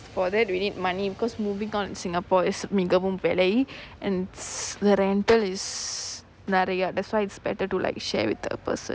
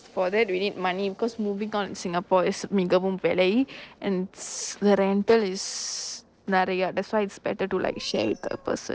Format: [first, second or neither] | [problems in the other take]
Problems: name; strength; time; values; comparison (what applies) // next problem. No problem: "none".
first | noise reduction (neural separator model SepFormer DNS4)